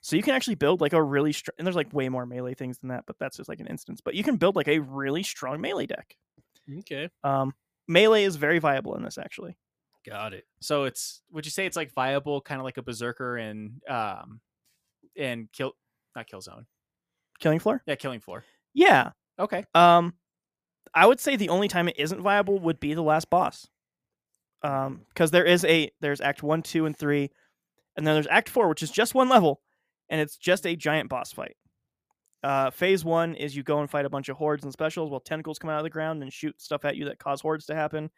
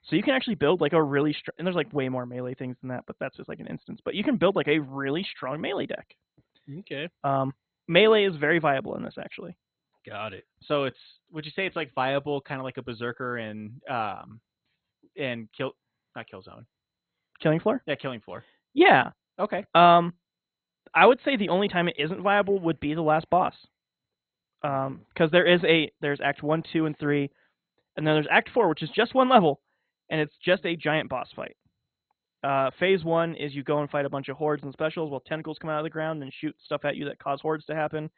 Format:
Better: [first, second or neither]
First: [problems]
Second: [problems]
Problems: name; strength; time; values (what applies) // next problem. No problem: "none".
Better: first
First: none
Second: garbled, watery; badly; nothing above 4 kHz